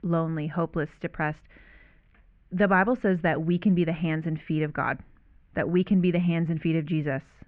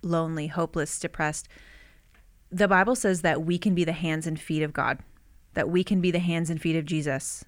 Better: second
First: muffled; very; fading above 2.5 kHz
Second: none

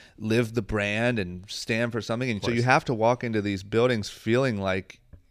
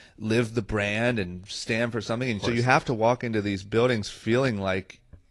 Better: first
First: none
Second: garbled, watery; slightly; nothing above 11 kHz

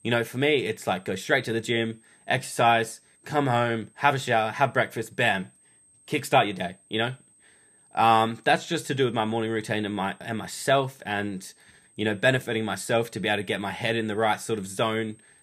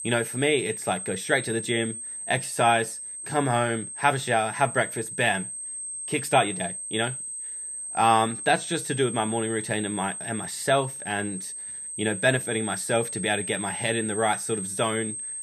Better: first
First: high-pitched whine; faint; throughout; 8.5 kHz, 30 dB below the speech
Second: high-pitched whine; loud; throughout; 8.5 kHz, 6 dB below the speech

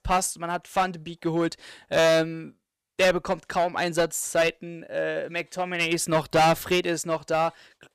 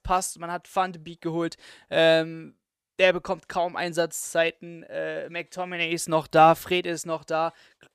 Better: second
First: distortion; heavy; 6% of the sound clipped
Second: none

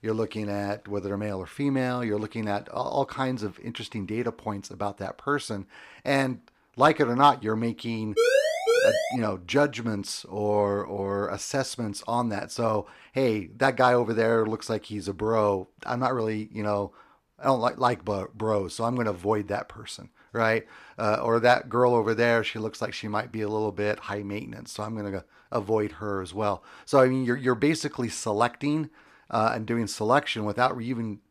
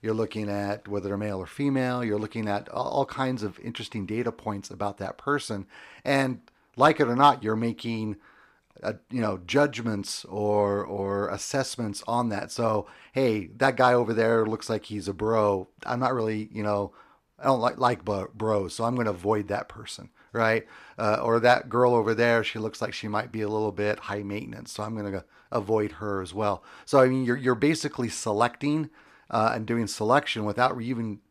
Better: second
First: siren; loud; at 8 s; peak 5 dB above the speech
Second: none

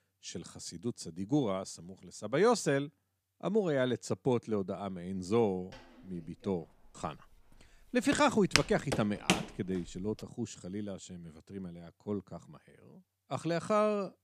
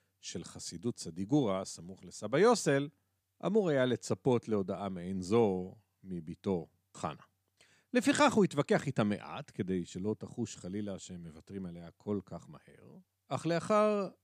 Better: second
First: footsteps; loud; from 8 to 9.5 s; peak 3 dB above the speech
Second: none

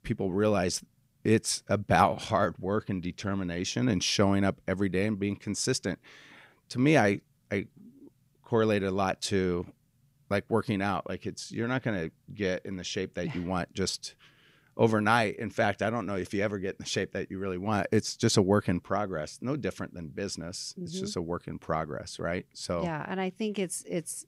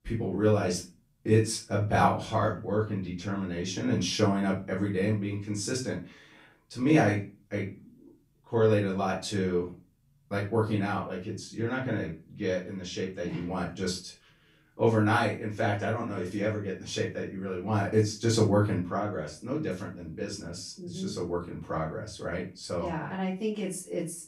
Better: first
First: none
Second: off-mic speech; far // room echo; slight; dies away in 0.3 s

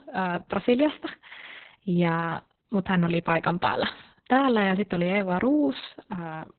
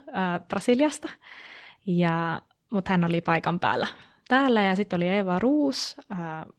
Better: second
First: garbled, watery; badly; nothing above 4 kHz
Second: garbled, watery; slightly; nothing above 17 kHz

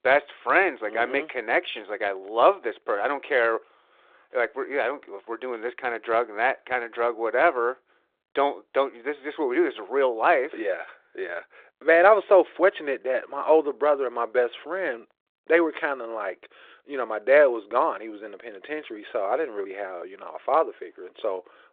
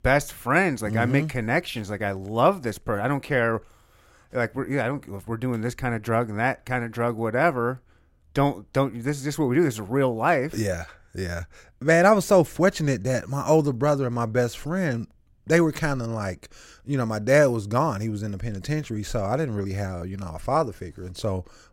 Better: second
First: phone-call audio; nothing above 3.5 kHz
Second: none

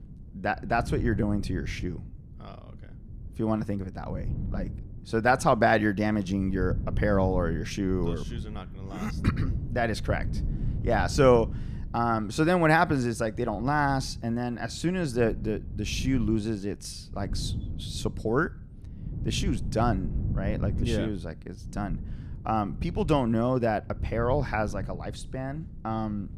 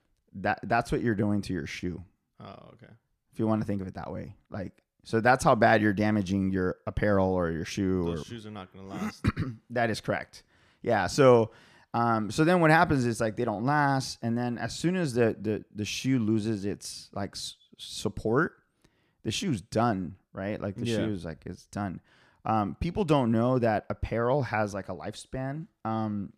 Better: second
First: wind noise on the microphone; occasional gusts; 20 dB below the speech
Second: none

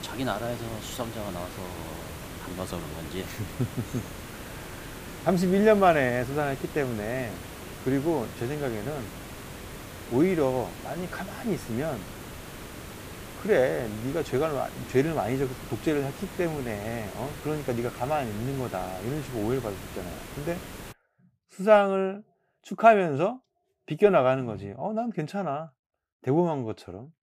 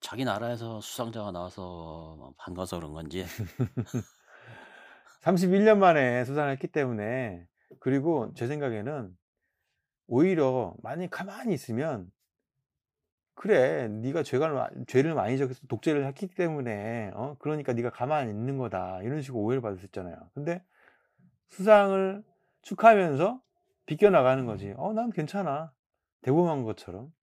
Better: second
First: hiss; noticeable; until 21 s; 15 dB below the speech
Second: none

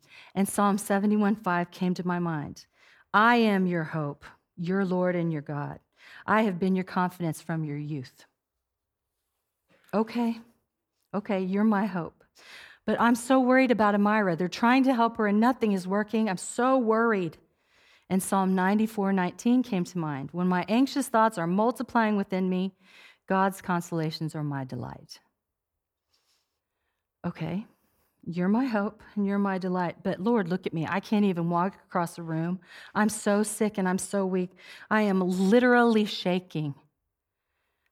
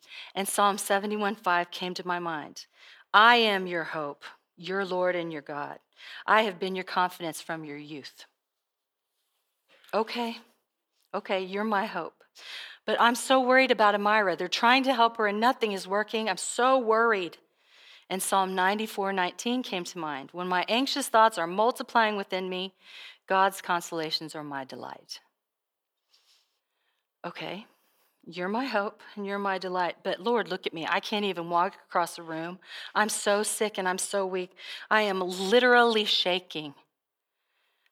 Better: first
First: none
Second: thin; somewhat; fading below 450 Hz

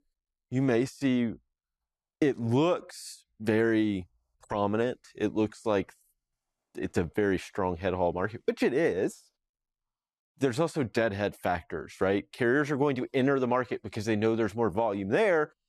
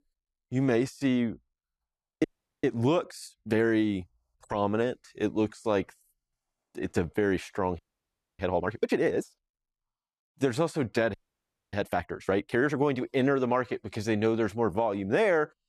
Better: first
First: none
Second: audio freezing; at 2 s, at 8 s for 0.5 s and at 11 s for 0.5 s

